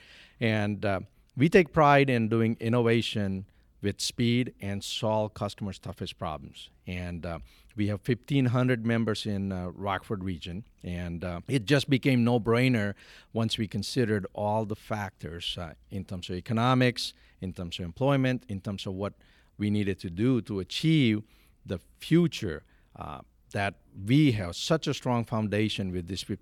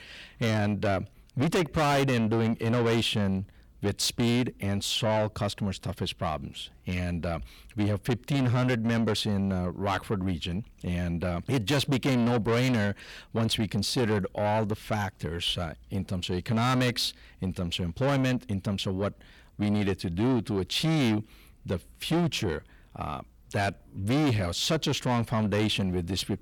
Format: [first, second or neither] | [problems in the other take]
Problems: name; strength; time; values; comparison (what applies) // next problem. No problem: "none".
first | distortion; heavy; 6 dB below the speech